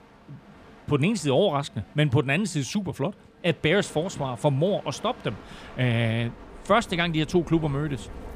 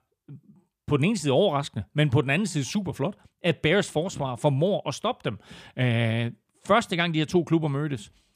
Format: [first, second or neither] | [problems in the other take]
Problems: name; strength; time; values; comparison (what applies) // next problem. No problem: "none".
second | train or aircraft noise; faint; throughout; 20 dB below the speech